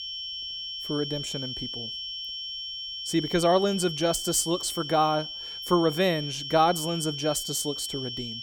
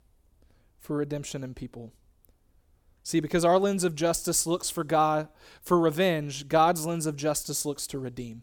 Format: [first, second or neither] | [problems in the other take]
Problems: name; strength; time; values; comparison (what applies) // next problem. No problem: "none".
second | high-pitched whine; loud; throughout; 3 kHz, 7 dB below the speech